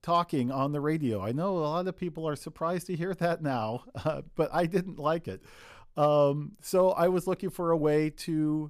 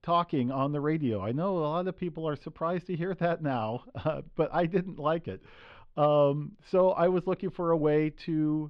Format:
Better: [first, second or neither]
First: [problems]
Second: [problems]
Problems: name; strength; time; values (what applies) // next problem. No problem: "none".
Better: first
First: none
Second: muffled; slightly; fading above 3.5 kHz